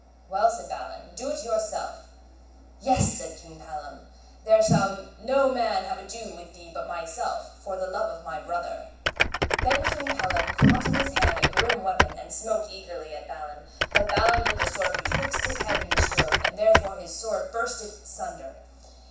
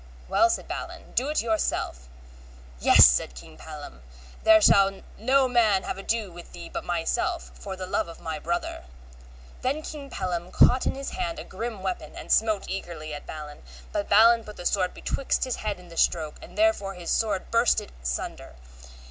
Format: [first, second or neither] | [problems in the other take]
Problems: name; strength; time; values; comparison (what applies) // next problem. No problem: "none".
second | background sound (Typing); 2 dB above the speech // room echo; dies away in 0.7 s